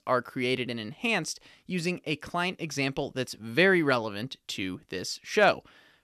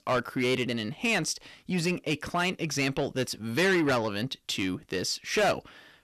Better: first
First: none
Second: distortion; heavy; 7 dB below the speech

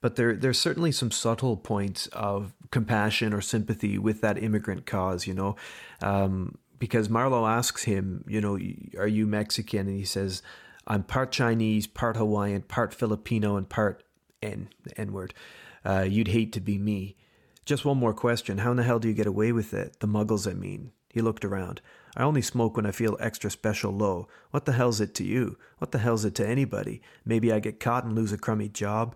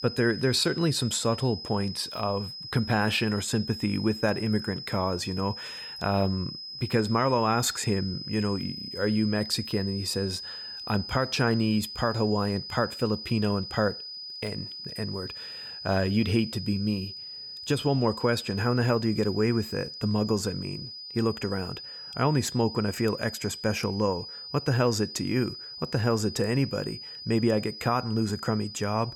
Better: first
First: none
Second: high-pitched whine; loud; throughout; 5 kHz, 9 dB below the speech

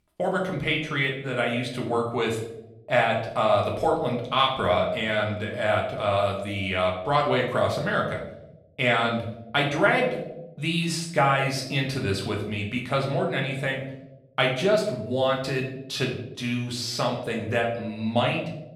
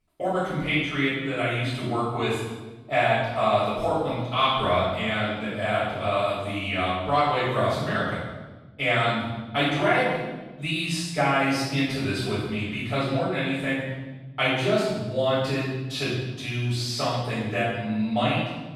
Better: first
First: room echo; slight; dies away in 0.7 s // off-mic speech; somewhat distant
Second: room echo; strong; dies away in 1.1 s // off-mic speech; far

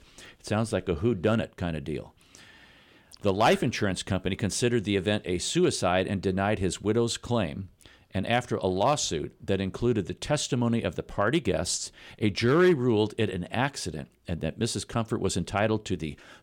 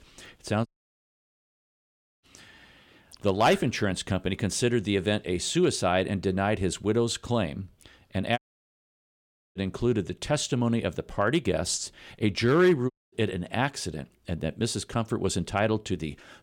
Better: first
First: none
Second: audio cutting out; at 0.5 s for 1.5 s, at 8.5 s for 1 s and at 13 s

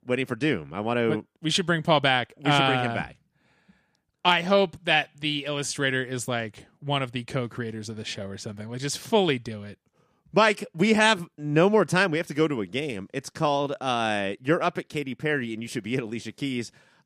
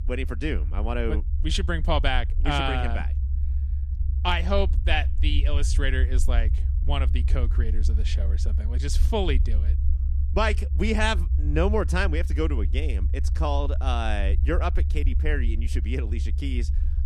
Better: first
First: none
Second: low rumble; noticeable; throughout; 15 dB below the speech

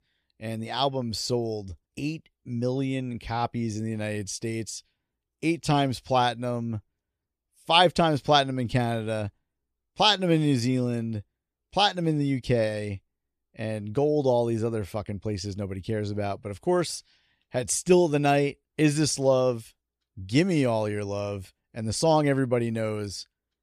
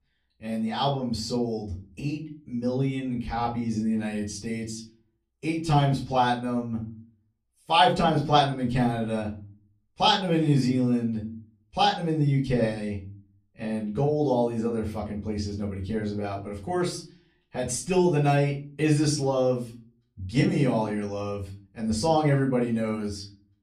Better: first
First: none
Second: off-mic speech; far // room echo; slight; dies away in 0.4 s

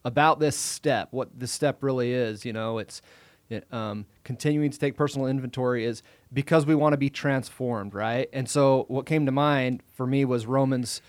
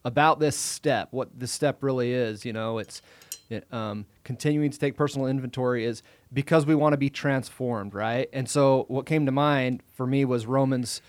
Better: first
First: none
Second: clattering dishes; faint; at 3 s; peak 15 dB below the speech

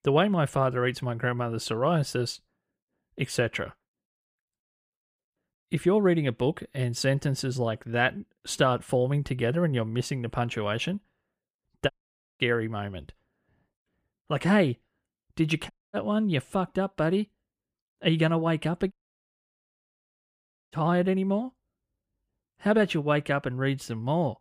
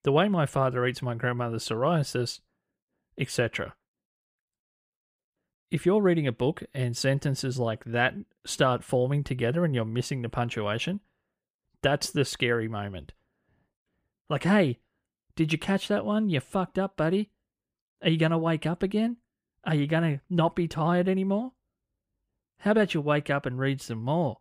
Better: second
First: audio cutting out; at 12 s, at 16 s and at 19 s for 2 s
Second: none

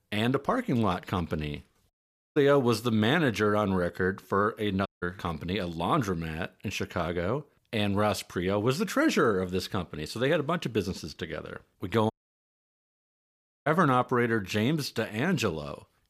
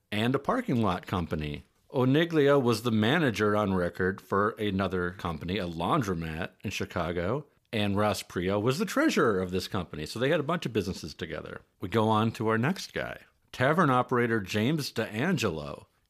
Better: second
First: audio cutting out; at 2 s, at 5 s and at 12 s for 1.5 s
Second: none

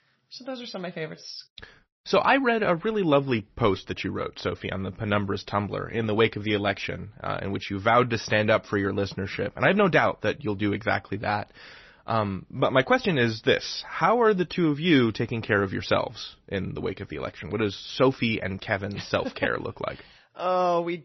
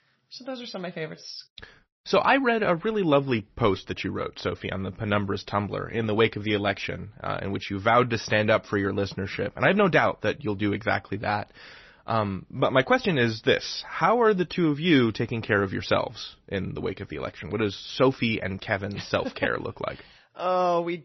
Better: neither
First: garbled, watery; slightly; nothing above 6 kHz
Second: garbled, watery; slightly; nothing above 6 kHz

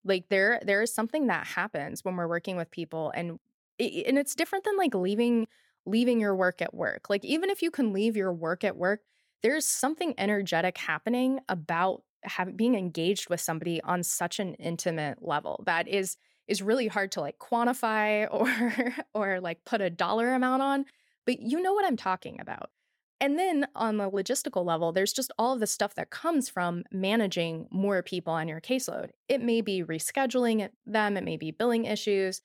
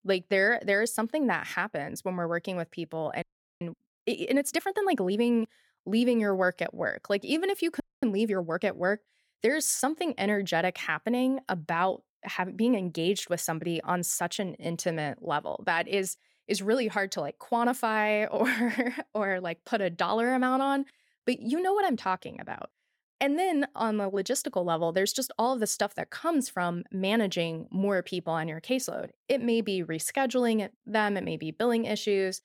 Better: first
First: none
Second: audio freezing; at 3 s and at 8 s

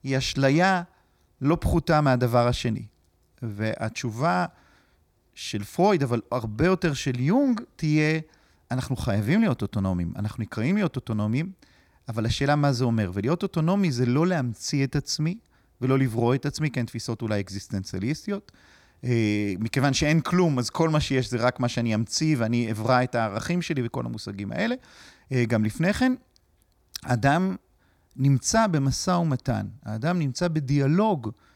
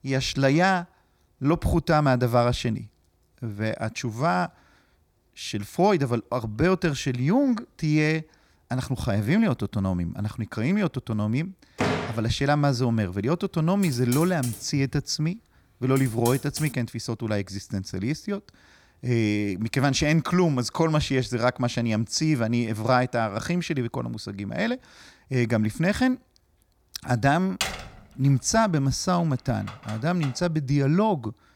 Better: first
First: none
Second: door banging; noticeable; at 12 s and from 28 to 30 s; peak 1 dB below the speech // keyboard typing; noticeable; from 14 to 17 s; peak 9 dB below the speech

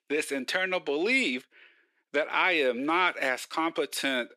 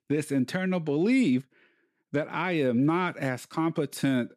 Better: second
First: thin; somewhat; fading below 400 Hz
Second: none

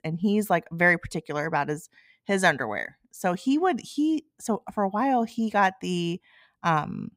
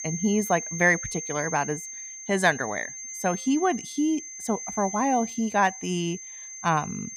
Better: first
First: none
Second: high-pitched whine; loud; throughout; 6.5 kHz, 9 dB below the speech

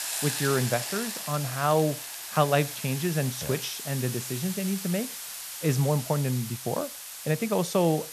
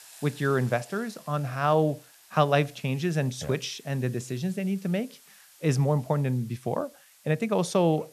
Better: second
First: hiss; loud; throughout; 6 dB below the speech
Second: hiss; faint; throughout; 25 dB below the speech

